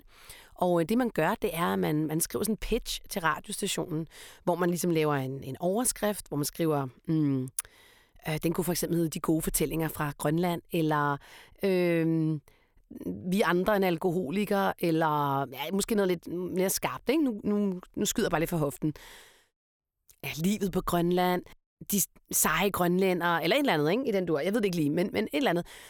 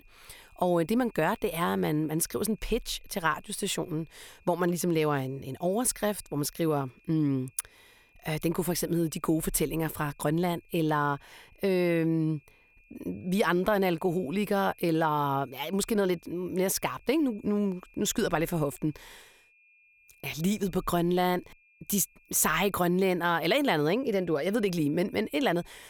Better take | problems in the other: first | high-pitched whine; faint; throughout; 2.5 kHz, 30 dB below the speech

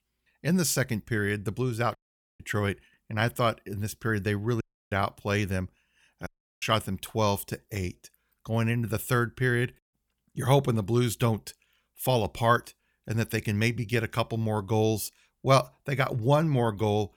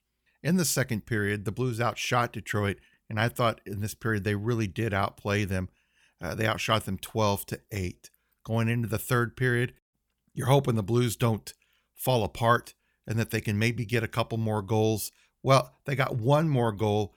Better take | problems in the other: second | audio cutting out; at 2 s, at 4.5 s and at 6.5 s

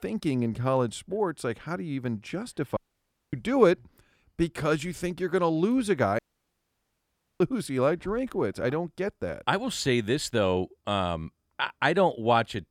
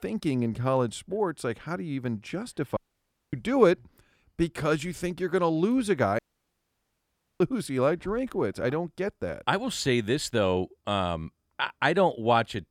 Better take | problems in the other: neither | audio cutting out; at 3 s for 0.5 s and at 6 s for 1 s; the same in both

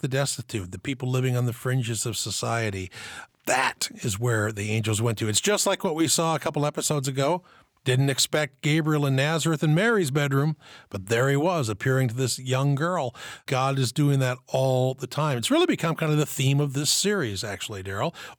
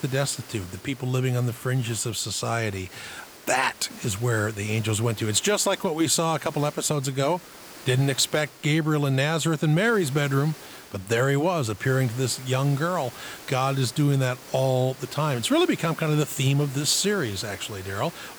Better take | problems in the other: first | hiss; noticeable; throughout; 20 dB below the speech

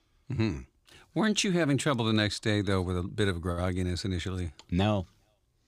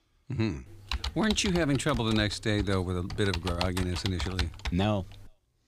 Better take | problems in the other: first | keyboard typing; noticeable; from 0.5 s on; peak 4 dB below the speech

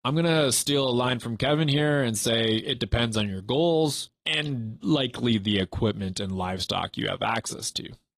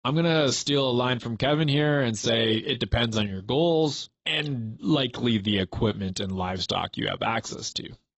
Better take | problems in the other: first | garbled, watery; badly; nothing above 8 kHz; slightly in the first

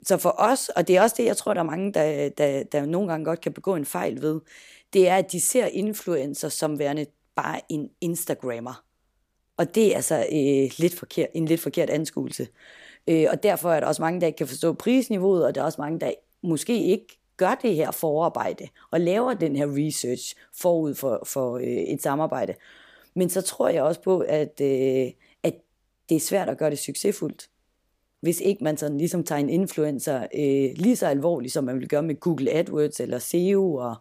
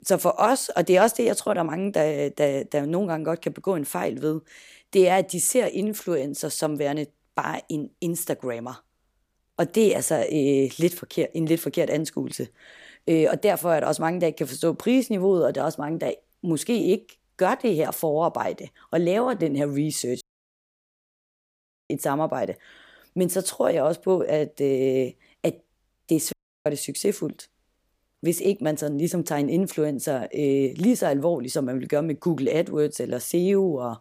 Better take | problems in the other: first | audio cutting out; at 20 s for 1.5 s and at 26 s

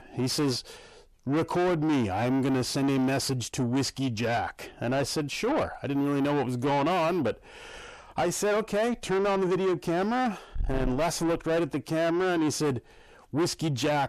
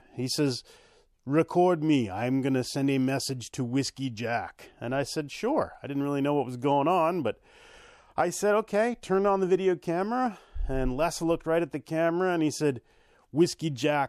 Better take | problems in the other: second | distortion; heavy; 7 dB below the speech

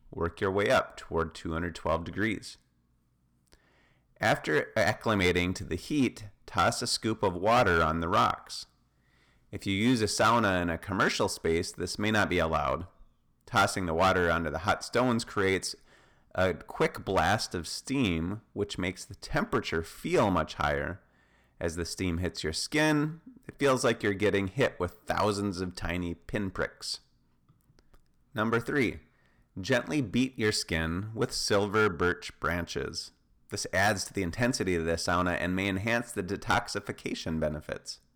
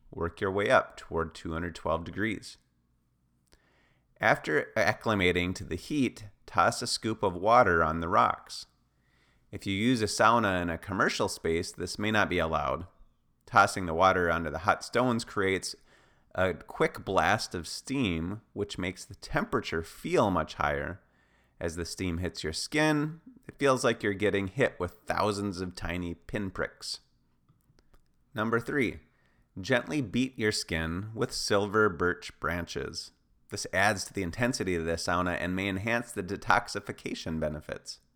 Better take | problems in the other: second | distortion; slight; 2% of the sound clipped

